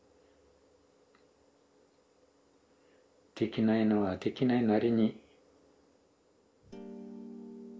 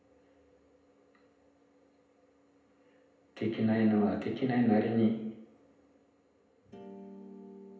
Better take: first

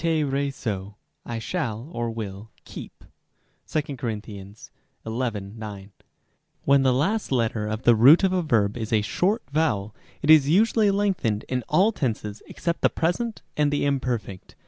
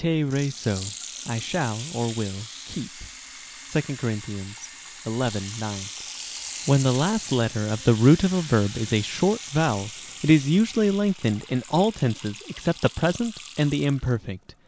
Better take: first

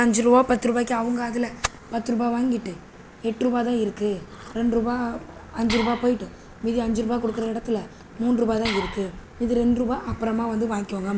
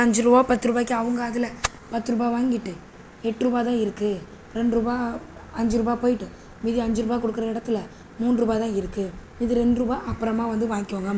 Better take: second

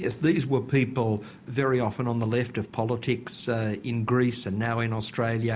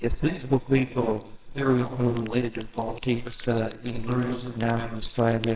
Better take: first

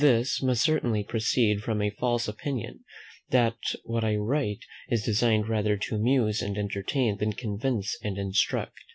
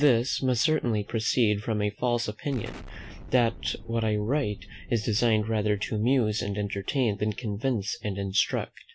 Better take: first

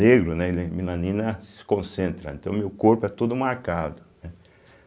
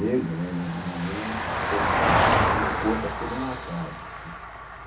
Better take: first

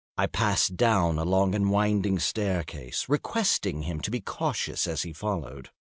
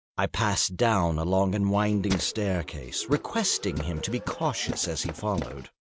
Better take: first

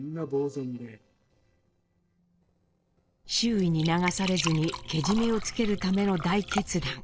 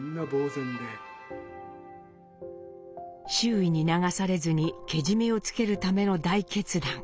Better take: second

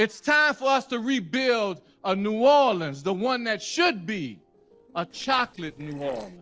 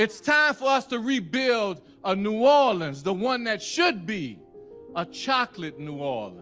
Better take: second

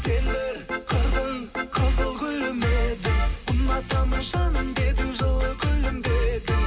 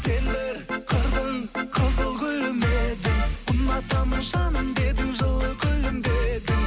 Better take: second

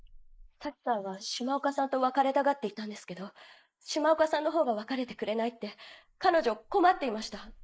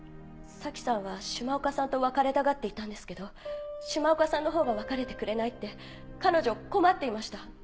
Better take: second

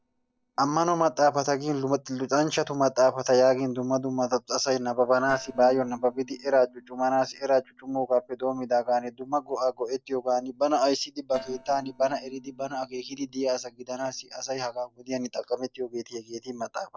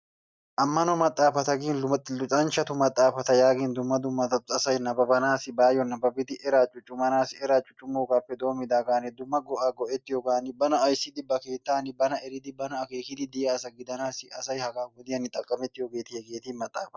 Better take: second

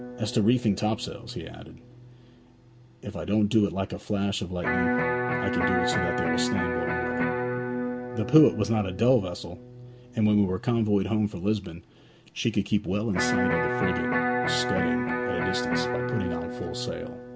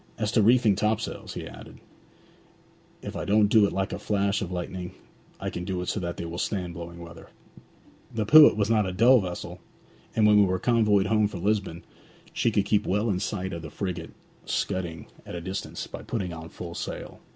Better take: second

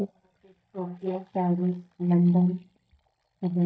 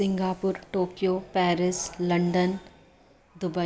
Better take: second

